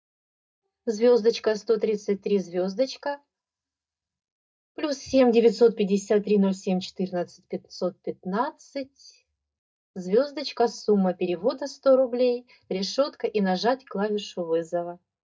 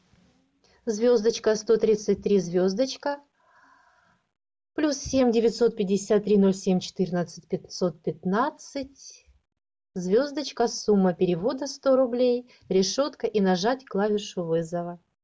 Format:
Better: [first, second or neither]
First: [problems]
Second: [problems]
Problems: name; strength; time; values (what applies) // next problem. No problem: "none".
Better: second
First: noise reduction (neural mask model DeepFilterNet 3)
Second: none